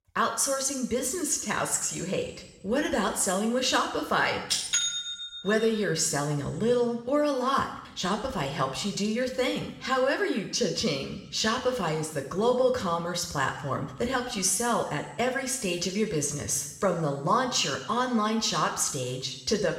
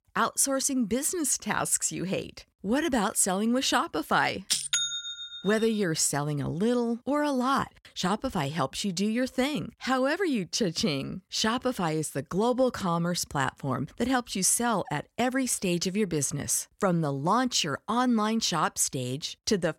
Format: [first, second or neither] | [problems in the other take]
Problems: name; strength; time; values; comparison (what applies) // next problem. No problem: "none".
second | room echo; slight; dies away in 0.9 s